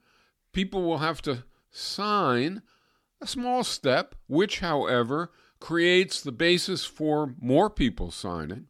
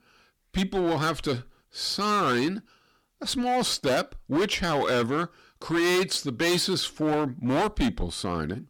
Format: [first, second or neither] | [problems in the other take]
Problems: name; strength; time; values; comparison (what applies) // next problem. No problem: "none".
first | distortion; heavy; 13% of the sound clipped